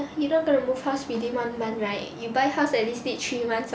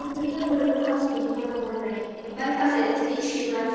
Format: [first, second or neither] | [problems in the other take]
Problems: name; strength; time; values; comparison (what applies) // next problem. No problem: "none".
first | noise reduction (neural separator model SepFormer DNS4)